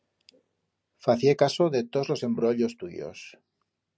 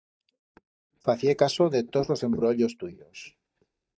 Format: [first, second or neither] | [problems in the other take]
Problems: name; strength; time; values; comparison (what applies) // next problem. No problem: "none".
first | noise reduction (neural mask model DeepFilterNet 3)